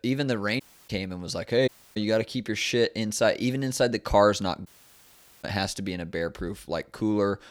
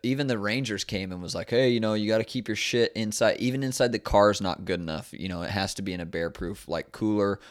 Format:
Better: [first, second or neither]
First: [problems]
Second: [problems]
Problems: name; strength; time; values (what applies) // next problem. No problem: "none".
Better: second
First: audio cutting out; at 0.5 s, at 1.5 s and at 4.5 s for 1 s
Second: none